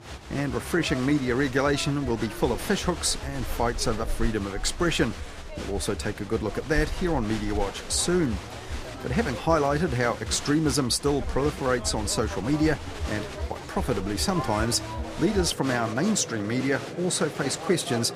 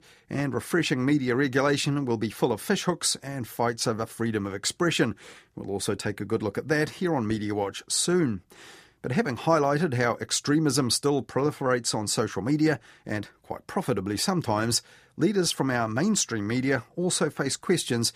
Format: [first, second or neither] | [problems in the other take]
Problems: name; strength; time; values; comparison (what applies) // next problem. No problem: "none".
second | crowd noise; loud; throughout; 9 dB below the speech